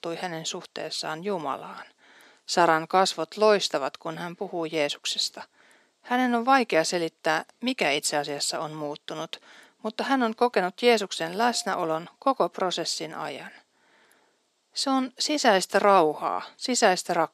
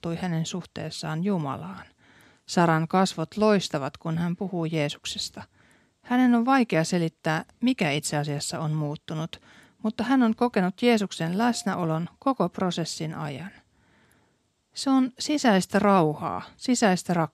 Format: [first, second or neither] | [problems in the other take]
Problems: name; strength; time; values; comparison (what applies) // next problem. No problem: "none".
second | thin; somewhat; fading below 450 Hz